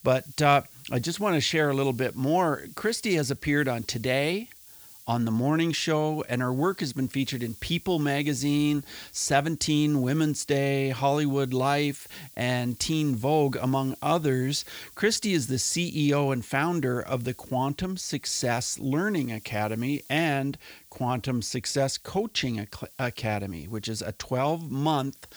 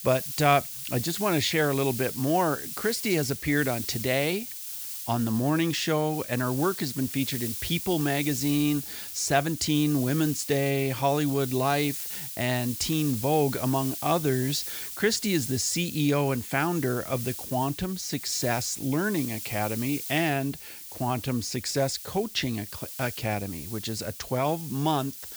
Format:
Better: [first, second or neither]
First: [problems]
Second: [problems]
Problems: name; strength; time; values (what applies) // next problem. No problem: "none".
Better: first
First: hiss; faint; throughout; 20 dB below the speech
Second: hiss; loud; throughout; 8 dB below the speech